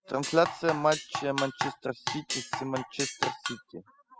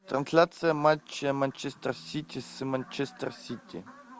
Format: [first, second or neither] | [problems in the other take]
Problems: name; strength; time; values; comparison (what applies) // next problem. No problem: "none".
second | noise reduction (classical method spectral subtraction)